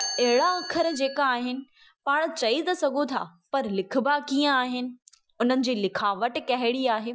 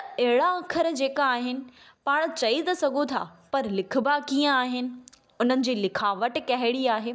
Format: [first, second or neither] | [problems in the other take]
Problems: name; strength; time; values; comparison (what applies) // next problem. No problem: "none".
second | noise reduction (classical method Wiener filter)